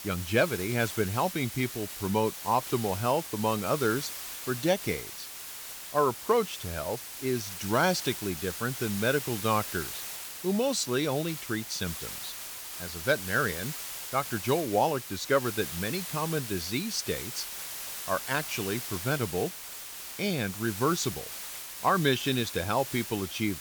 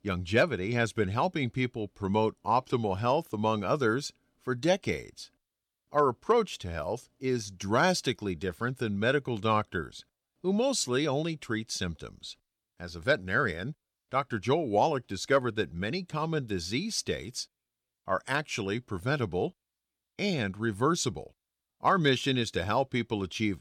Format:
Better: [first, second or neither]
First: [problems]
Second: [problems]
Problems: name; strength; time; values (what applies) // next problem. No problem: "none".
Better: second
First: hiss; loud; throughout; 7 dB below the speech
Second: none